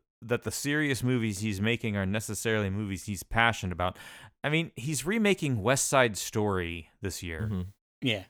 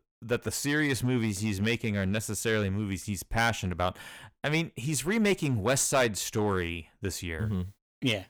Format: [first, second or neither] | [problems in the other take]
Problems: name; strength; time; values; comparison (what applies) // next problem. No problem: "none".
first | distortion; slight; 3% of the sound clipped